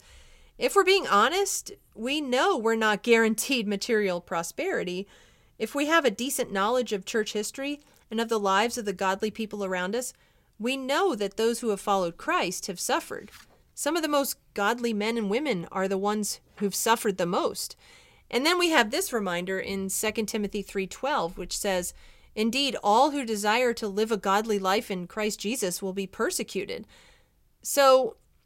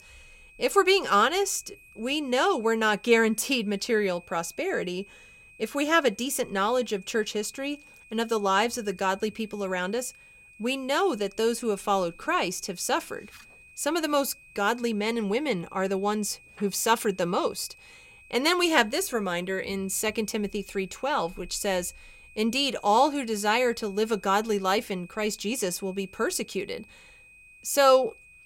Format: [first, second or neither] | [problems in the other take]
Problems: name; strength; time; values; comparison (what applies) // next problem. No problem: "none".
first | high-pitched whine; faint; throughout; 2.5 kHz, 25 dB below the speech